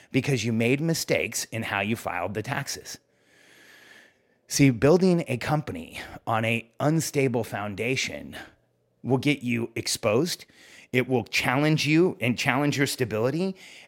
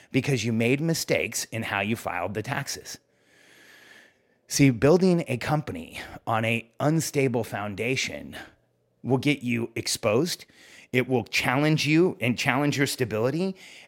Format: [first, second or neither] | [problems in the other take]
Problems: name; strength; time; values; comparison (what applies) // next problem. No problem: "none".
neither | none